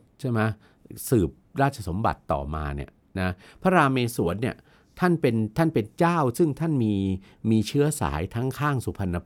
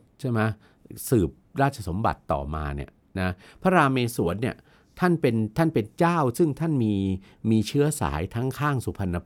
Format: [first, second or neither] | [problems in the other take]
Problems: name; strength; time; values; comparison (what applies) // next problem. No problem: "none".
neither | none